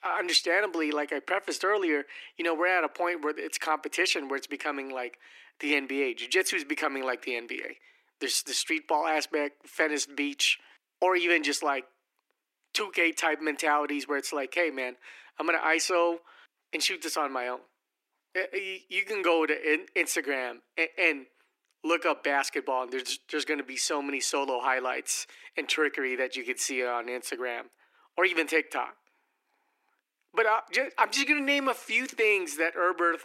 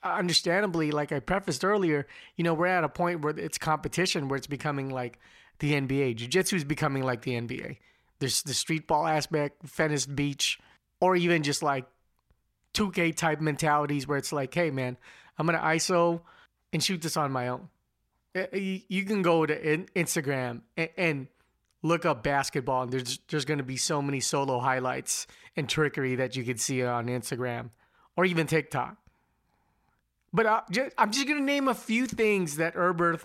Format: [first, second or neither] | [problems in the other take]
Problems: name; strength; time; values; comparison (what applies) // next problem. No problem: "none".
second | thin; somewhat; fading below 300 Hz